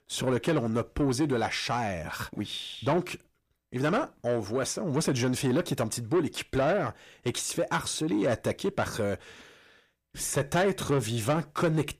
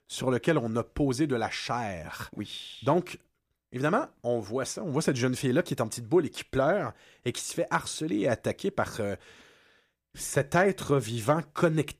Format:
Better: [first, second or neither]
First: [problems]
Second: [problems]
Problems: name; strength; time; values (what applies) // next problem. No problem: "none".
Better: second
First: distortion; slight; 10 dB below the speech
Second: none